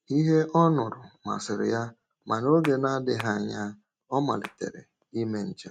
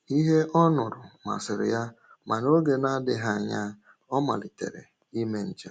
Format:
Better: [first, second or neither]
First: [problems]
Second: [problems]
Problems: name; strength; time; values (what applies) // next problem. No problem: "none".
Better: second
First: noise reduction (neural mask model RNNoise)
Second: none